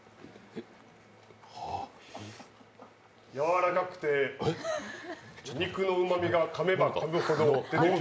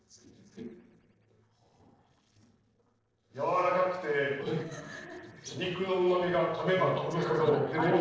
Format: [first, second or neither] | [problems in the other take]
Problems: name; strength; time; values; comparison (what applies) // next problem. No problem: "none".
first | noise reduction (neural separator model SepFormer DNS4)